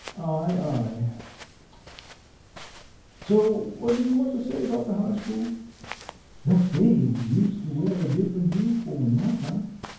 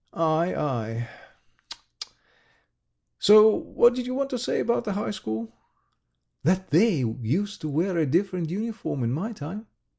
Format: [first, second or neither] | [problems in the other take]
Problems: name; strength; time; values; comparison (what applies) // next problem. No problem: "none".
second | background sound (Walk, footsteps); 19 dB below the speech // room echo; dies away in 0.9 s